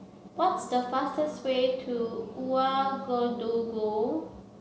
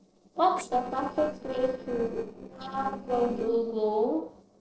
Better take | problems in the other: first | noise reduction (neural separator model SepFormer DNS4)

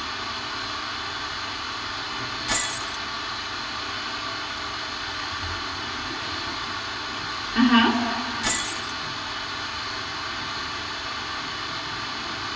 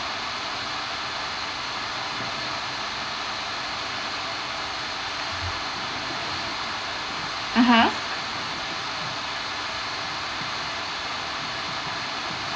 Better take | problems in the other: second | background sound (Shatter); 11 dB below the speech // room echo; dies away in 2.7 s

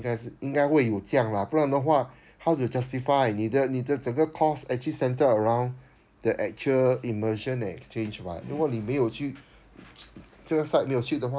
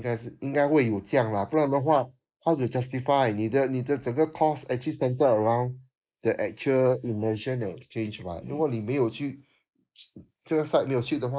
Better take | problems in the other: first | noise reduction (neural mask model Resemble Enhance denoiser)

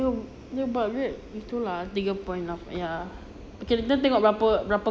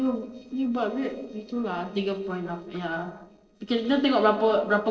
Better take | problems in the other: first | noise reduction (neural separator model SepFormer DNS4)

